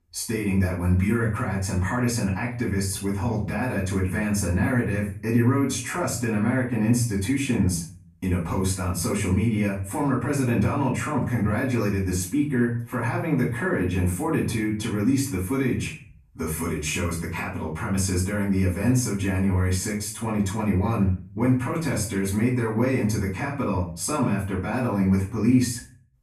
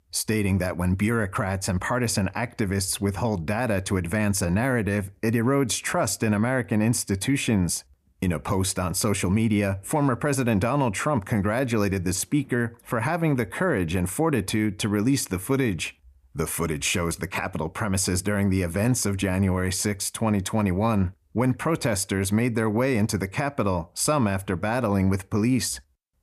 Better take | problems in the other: second | off-mic speech; far // room echo; slight; dies away in 0.4 s

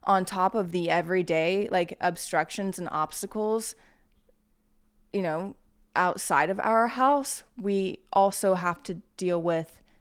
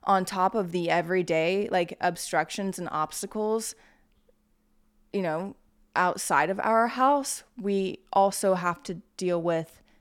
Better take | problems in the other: second | garbled, watery; slightly

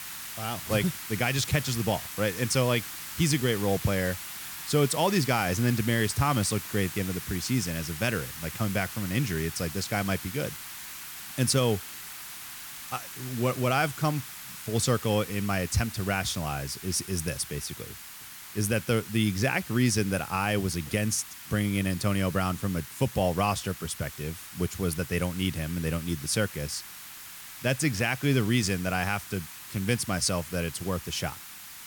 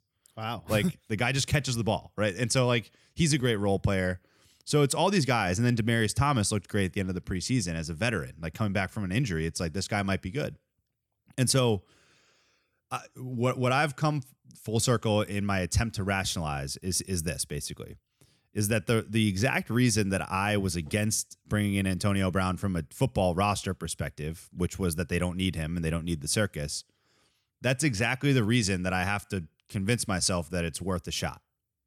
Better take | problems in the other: second | hiss; noticeable; throughout; 10 dB below the speech

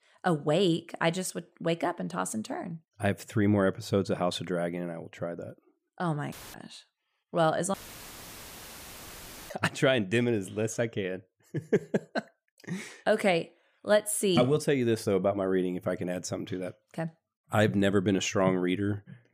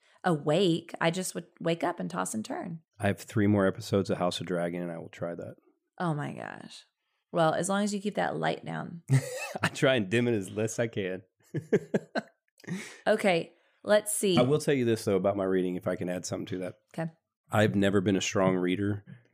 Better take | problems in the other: second | audio cutting out; filled with static; at 6.5 s and at 7.5 s for 2 s

